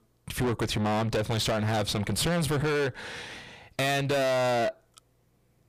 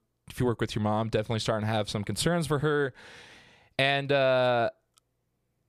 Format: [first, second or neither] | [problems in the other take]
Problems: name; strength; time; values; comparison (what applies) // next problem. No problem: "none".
second | distortion; heavy; 6 dB below the speech